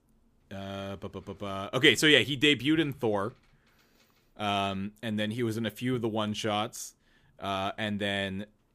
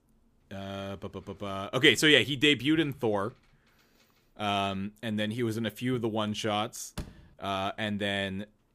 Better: first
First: none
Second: door banging; faint; at 7 s; peak 15 dB below the speech

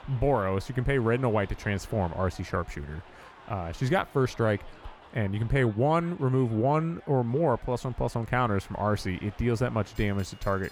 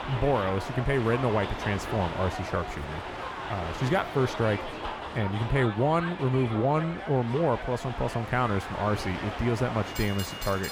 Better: first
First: train or aircraft noise; faint; throughout; 20 dB below the speech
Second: train or aircraft noise; loud; throughout; 7 dB below the speech

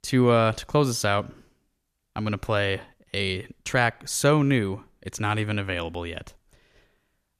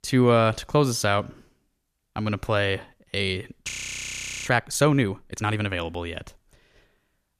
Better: first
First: none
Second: audio freezing; at 3.5 s for 1 s

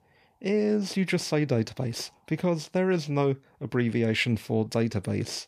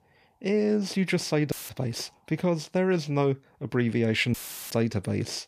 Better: first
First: none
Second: audio cutting out; filled with static; at 1.5 s and at 4.5 s

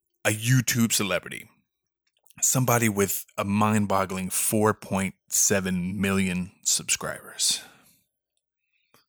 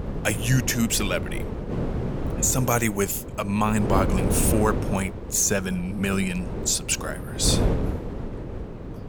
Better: first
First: none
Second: wind noise on the microphone; heavy; 8 dB below the speech

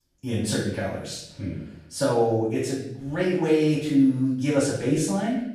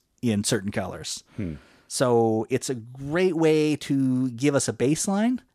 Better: second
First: off-mic speech; far // room echo; noticeable; dies away in 0.7 s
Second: none

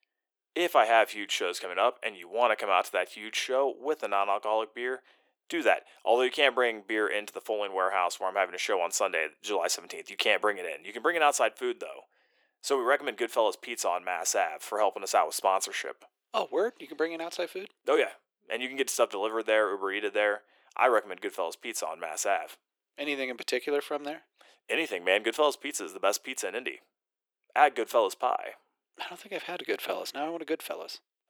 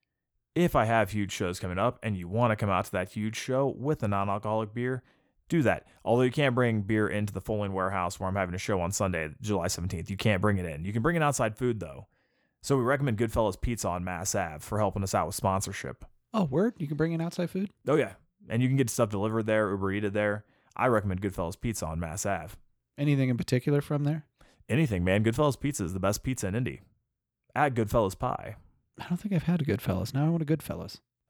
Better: second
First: thin; very; fading below 350 Hz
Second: none

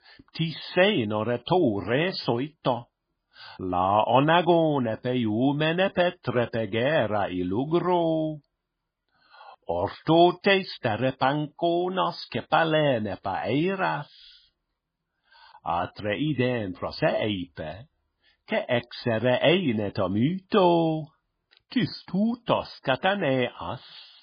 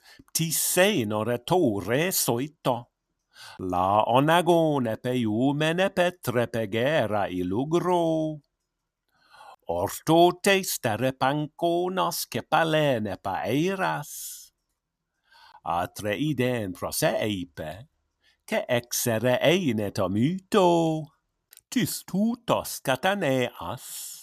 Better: second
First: garbled, watery; badly; nothing above 4.5 kHz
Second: none

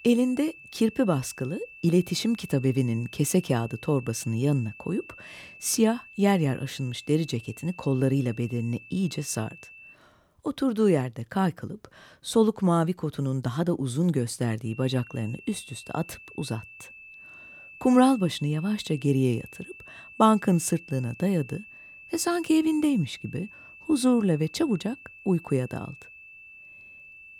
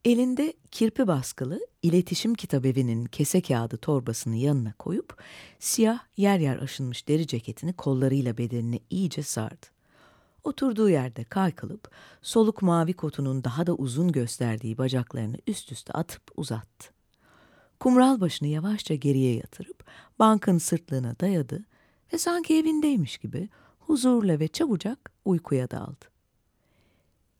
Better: second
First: high-pitched whine; noticeable; until 10 s and from 15 s on; 2.5 kHz, 20 dB below the speech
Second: none

